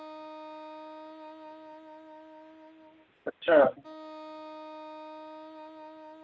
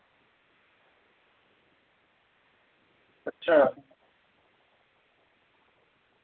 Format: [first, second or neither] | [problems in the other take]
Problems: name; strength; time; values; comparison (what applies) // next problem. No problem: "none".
second | background sound (Wind instrument, woodwind instrument); 13 dB below the speech